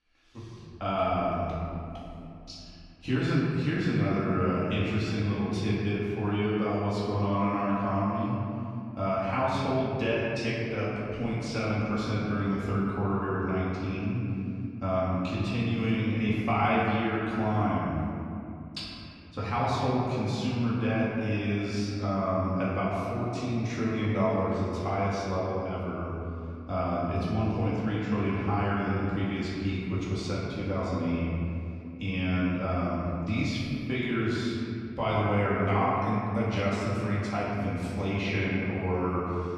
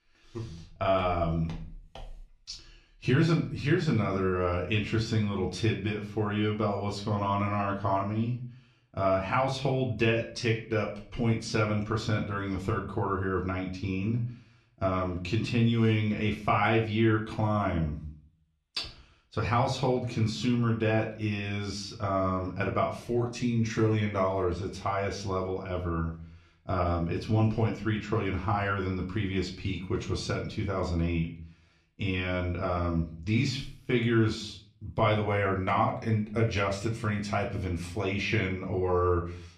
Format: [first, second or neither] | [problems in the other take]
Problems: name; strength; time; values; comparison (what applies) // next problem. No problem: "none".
second | room echo; strong; dies away in 2.6 s; slight in the second // off-mic speech; far; far in the second